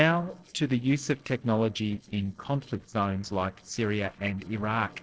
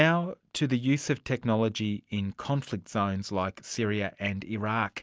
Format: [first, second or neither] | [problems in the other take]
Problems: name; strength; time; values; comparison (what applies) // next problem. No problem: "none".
second | noise reduction (neural separator model SepFormer DNS4)